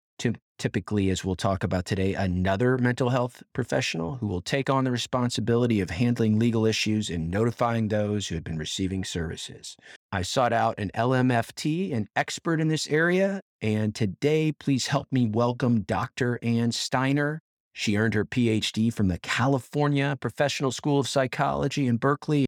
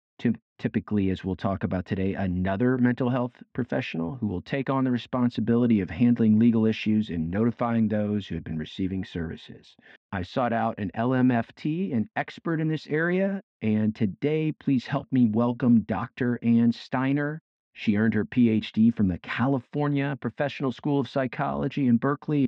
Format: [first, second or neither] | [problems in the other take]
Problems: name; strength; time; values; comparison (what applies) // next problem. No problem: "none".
first | muffled; slightly; fading above 3 kHz